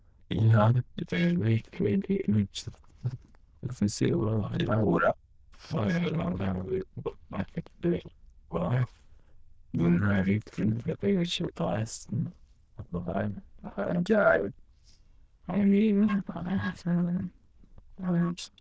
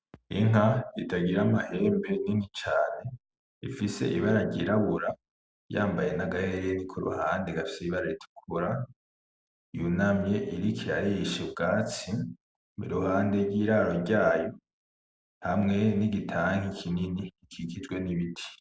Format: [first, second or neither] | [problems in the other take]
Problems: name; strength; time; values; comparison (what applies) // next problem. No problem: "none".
second | noise reduction (neural diffusion model UNIVERSE++)